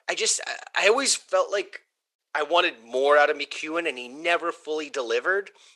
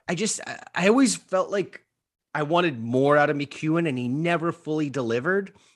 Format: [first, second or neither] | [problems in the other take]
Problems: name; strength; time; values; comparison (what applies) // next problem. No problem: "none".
second | thin; very; fading below 450 Hz